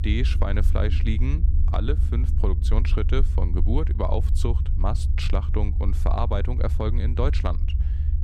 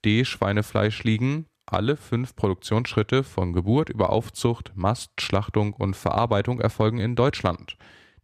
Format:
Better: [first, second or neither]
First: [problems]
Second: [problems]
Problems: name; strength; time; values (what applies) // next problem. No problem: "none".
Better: second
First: low rumble; noticeable; throughout; 10 dB below the speech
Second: none